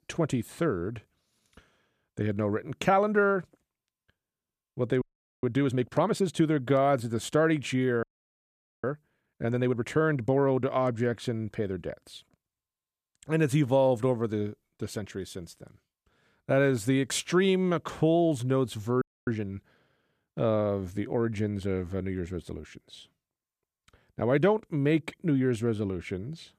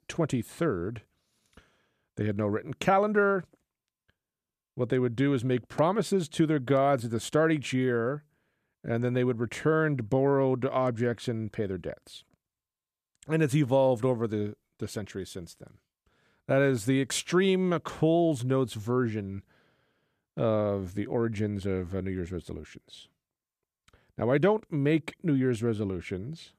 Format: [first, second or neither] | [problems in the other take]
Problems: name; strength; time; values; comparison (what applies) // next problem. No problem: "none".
second | audio freezing; at 5 s, at 8 s for 1 s and at 19 s